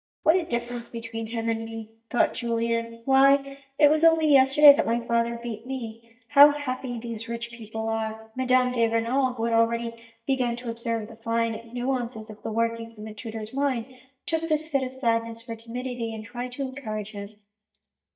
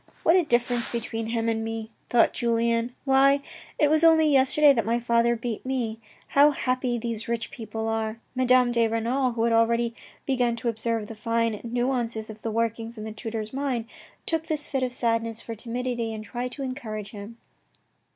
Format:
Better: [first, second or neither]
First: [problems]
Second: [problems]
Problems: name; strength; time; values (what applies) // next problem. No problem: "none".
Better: second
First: noise reduction (neural mask model DeepFilterNet 3)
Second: none